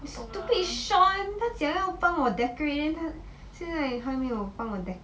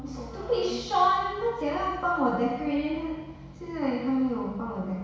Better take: first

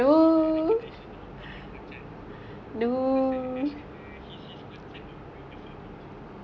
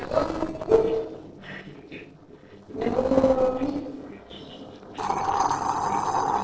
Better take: first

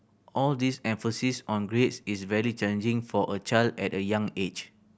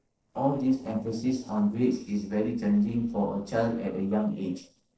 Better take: first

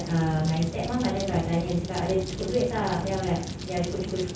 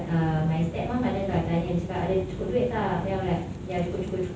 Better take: second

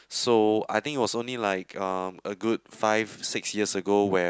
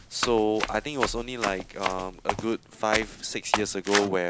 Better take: first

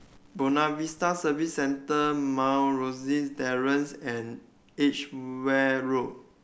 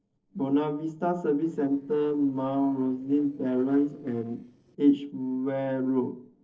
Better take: first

